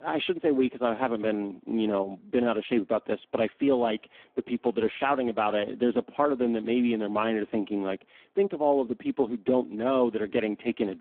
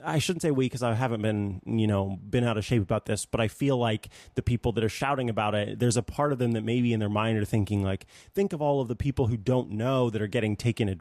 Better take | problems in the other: second | phone-call audio; poor line

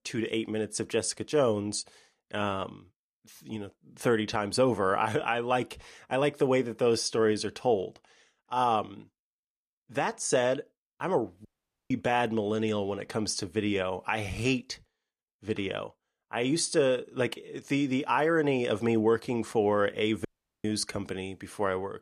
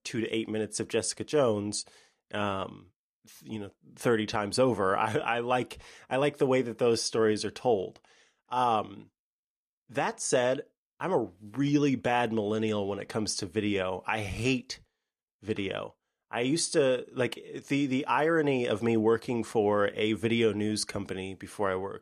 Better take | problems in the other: second | audio cutting out; at 11 s and at 20 s

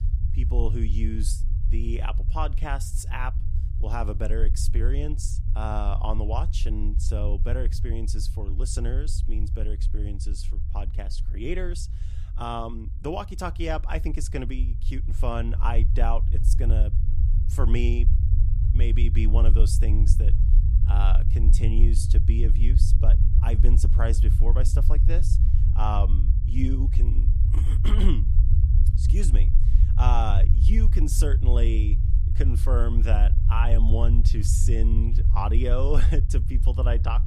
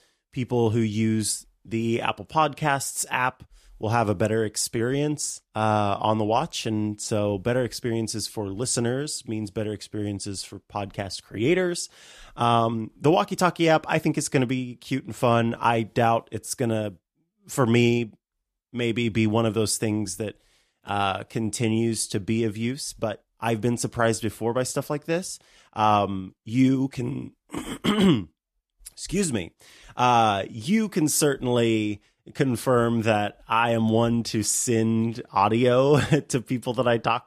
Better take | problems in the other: second | low rumble; loud; throughout; 8 dB below the speech

